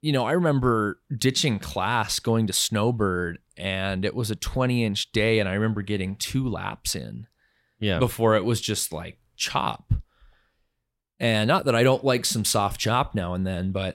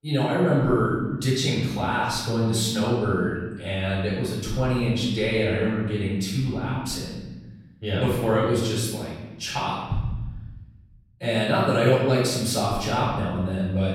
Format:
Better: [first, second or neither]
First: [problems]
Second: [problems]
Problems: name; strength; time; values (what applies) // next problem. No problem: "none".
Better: first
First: none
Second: room echo; strong; dies away in 1.2 s // off-mic speech; far